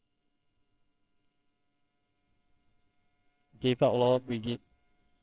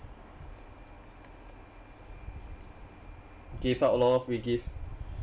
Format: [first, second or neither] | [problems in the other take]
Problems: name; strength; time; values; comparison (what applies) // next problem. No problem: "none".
second | noise reduction (neural separator model SepFormer WHAMR!)